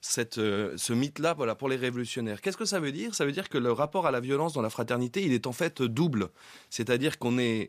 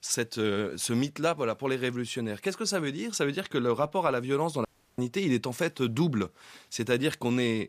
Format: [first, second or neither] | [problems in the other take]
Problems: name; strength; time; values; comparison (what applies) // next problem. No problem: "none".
first | audio cutting out; at 4.5 s